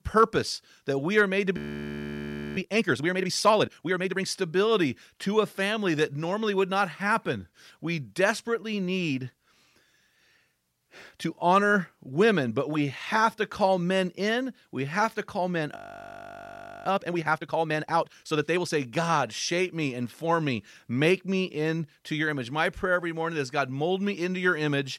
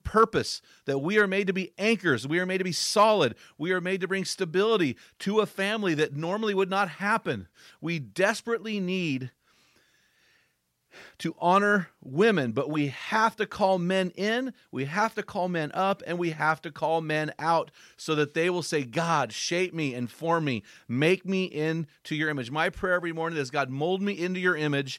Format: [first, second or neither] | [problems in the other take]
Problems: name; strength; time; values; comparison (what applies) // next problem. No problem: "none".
second | audio freezing; at 1.5 s for 1 s and at 16 s for 1 s